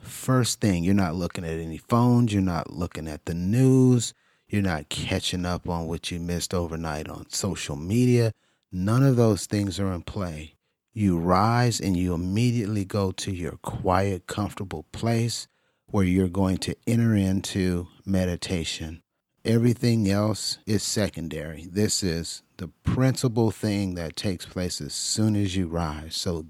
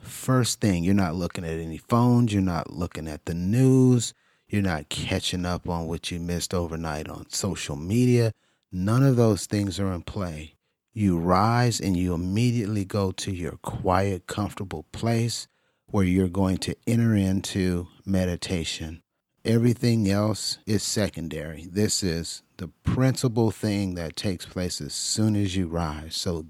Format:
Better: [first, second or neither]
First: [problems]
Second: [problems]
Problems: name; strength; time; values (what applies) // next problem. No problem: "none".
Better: neither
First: none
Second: none